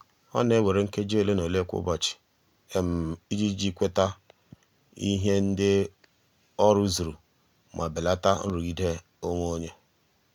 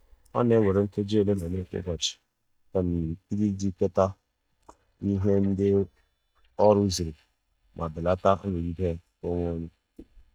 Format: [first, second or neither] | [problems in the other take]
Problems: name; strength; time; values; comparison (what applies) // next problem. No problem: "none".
first | noise reduction (neural mask model DeepFilterNet 3)